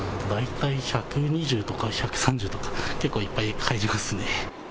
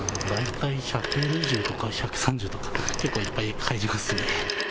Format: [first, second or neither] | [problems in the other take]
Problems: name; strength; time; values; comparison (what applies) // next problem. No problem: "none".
first | background sound (Telephone); 5 dB below the speech